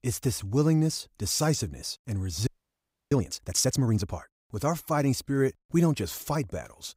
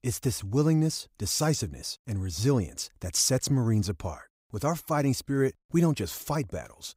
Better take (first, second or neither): second